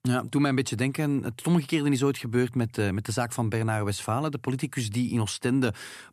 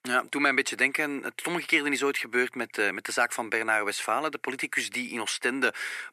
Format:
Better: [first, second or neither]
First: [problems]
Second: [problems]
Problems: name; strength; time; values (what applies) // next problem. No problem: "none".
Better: first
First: none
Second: thin; very; fading below 350 Hz